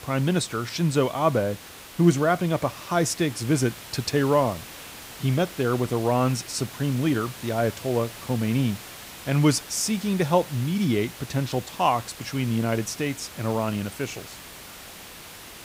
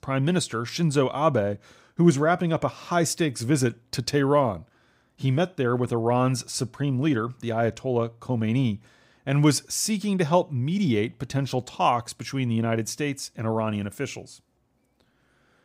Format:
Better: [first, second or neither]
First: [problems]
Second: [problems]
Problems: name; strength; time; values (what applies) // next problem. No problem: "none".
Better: second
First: hiss; noticeable; throughout; 15 dB below the speech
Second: none